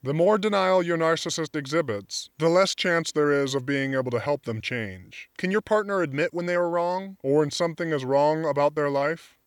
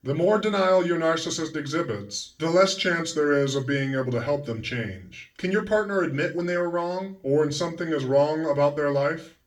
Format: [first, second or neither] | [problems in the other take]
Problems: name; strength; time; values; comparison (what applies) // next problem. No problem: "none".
first | room echo; very slight; dies away in 0.3 s // off-mic speech; far